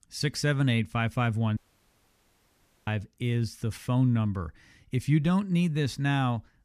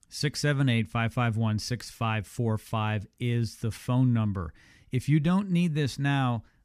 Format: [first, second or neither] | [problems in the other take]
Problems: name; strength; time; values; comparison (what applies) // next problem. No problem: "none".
second | audio cutting out; at 1.5 s for 1.5 s